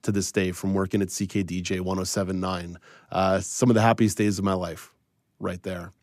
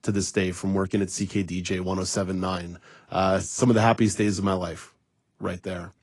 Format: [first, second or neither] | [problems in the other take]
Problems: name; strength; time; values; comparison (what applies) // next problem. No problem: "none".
first | garbled, watery; slightly; nothing above 10.5 kHz